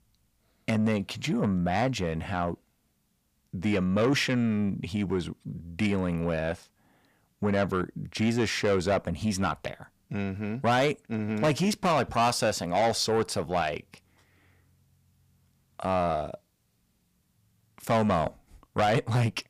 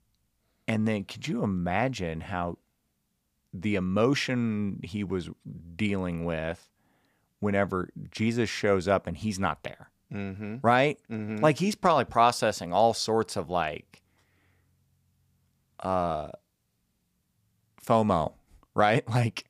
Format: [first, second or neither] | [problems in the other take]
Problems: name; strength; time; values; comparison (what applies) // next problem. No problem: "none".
second | distortion; heavy; 8 dB below the speech